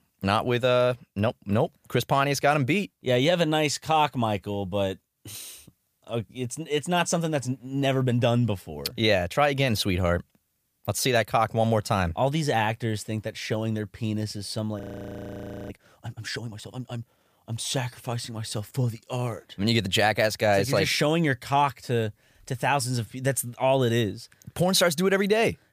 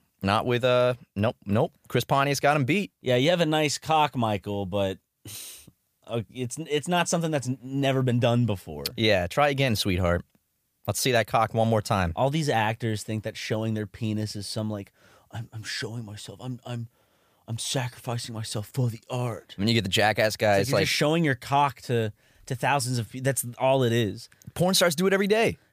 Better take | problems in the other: second | audio freezing; at 15 s for 1 s

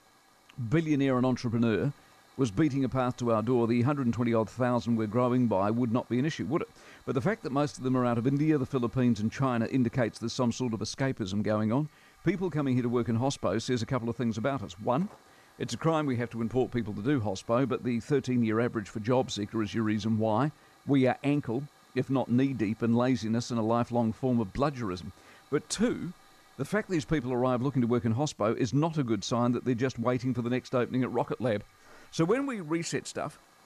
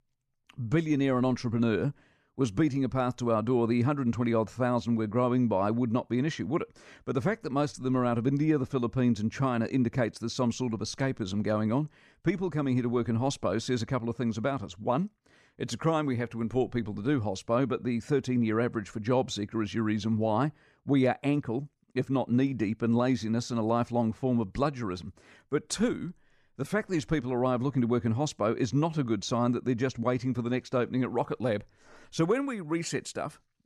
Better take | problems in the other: second | hiss; faint; throughout; 30 dB below the speech

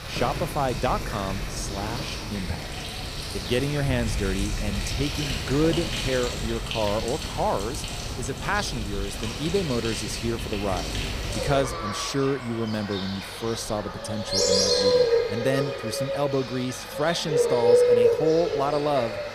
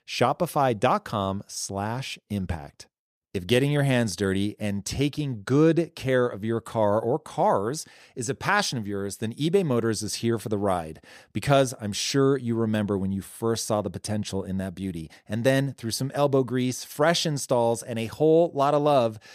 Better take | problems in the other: second | animal sounds; very loud; throughout; 1 dB above the speech

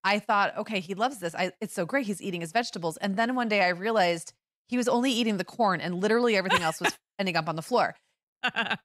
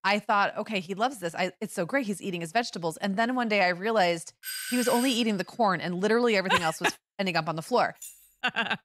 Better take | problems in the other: first | doorbell; noticeable; at 4.5 s; peak 5 dB below the speech // jangling keys; faint; at 8 s; peak 15 dB below the speech

